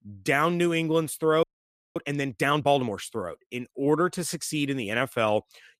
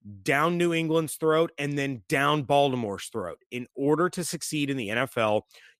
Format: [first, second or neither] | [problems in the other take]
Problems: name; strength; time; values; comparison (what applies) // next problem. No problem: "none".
second | audio freezing; at 1.5 s for 0.5 s